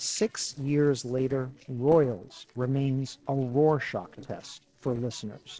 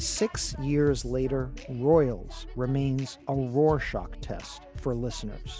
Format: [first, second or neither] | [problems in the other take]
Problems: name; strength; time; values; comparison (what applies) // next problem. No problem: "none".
second | noise reduction (neural separator model SepFormer DNS4)